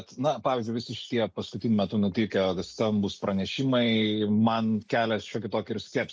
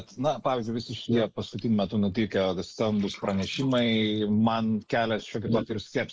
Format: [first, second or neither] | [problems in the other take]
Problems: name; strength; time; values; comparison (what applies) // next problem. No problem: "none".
first | noise reduction (neural mask model Resemble Enhance denoiser)